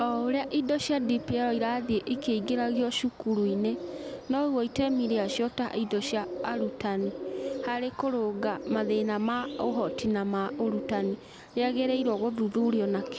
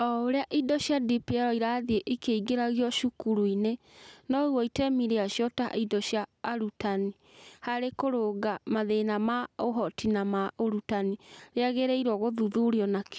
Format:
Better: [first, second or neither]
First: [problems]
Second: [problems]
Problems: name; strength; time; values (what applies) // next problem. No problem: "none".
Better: second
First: background sound (Bird); 9 dB below the speech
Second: none